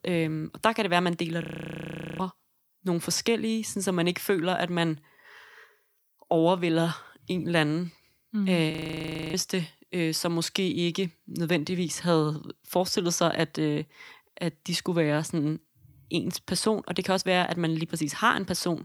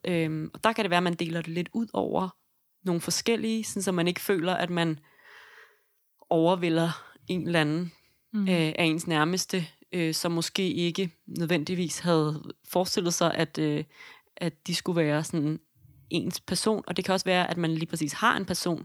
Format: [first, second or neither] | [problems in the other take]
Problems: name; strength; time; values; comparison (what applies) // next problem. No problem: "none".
second | audio freezing; at 1.5 s for 1 s and at 8.5 s for 0.5 s